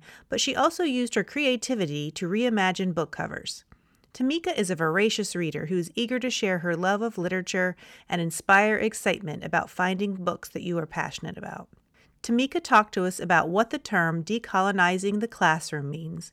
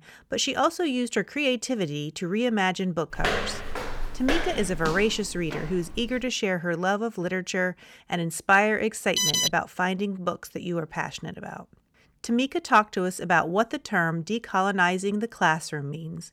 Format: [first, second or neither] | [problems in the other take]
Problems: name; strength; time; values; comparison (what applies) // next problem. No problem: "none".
first | footsteps; noticeable; from 3 to 6.5 s; peak 1 dB below the speech // alarm; loud; at 9 s; peak 5 dB above the speech